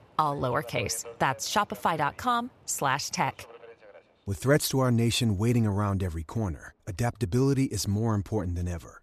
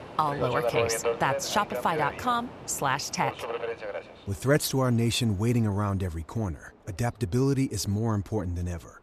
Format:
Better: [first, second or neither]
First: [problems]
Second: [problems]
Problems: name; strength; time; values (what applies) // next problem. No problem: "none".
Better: first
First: train or aircraft noise; faint; throughout; 20 dB below the speech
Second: train or aircraft noise; loud; throughout; 5 dB below the speech